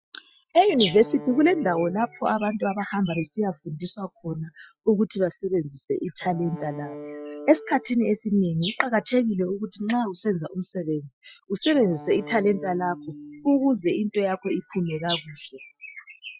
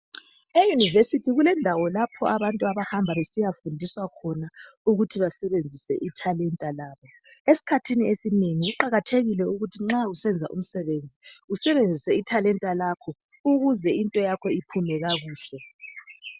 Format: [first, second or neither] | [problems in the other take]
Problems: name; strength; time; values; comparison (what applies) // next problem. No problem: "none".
second | noise reduction (classical method Wiener filter)